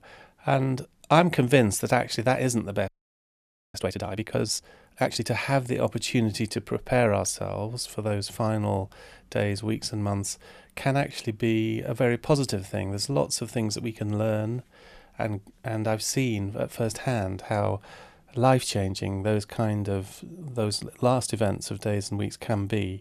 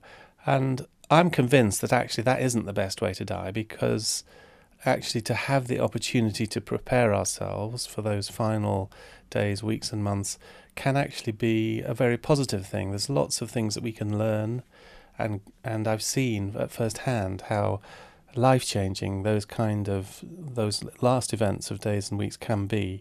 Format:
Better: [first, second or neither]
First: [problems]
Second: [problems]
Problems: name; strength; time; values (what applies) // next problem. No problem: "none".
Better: second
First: audio freezing; at 3 s for 1 s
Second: none